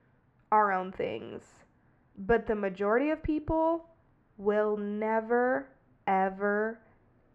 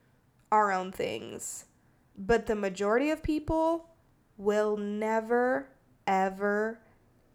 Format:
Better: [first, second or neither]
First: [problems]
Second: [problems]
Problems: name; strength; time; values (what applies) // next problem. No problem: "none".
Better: second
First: muffled; very; fading above 2 kHz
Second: none